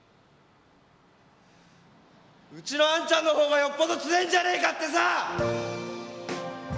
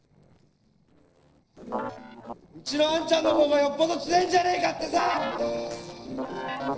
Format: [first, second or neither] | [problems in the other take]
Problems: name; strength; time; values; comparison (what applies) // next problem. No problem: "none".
first | noise reduction (neural separator model SepFormer DNS4)